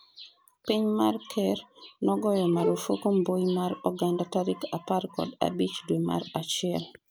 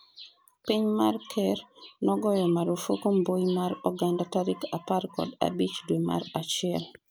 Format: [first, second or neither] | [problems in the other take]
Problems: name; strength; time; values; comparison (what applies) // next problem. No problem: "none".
second | background sound (Bowed string instrument); 8 dB below the speech